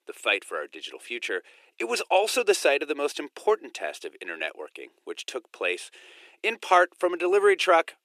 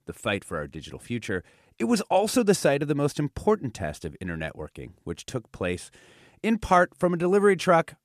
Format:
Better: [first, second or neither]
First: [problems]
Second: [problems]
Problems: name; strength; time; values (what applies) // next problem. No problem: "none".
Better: second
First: thin; very; fading below 350 Hz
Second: none